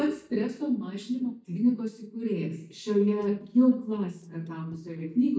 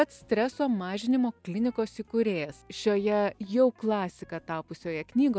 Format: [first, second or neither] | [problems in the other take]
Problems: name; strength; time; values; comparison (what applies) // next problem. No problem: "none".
second | noise reduction (neural mask model DeepFilterNet 3)